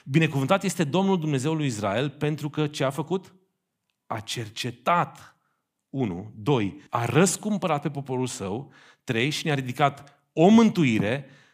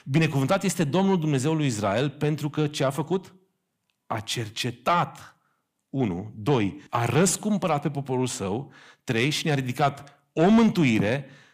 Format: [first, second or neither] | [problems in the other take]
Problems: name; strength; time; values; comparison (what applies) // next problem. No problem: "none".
first | distortion; slight; 10 dB below the speech